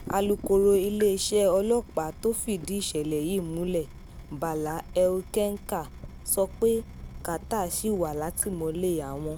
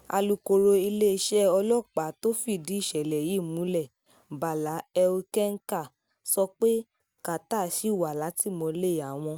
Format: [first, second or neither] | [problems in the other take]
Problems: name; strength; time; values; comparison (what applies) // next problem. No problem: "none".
second | background sound (Drip / Water tap, faucet); 14 dB below the speech